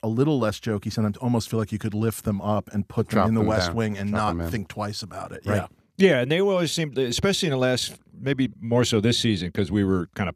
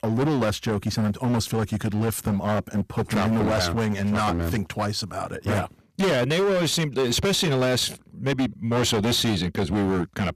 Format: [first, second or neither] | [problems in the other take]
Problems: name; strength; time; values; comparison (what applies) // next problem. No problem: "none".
first | distortion; heavy; 22% of the sound clipped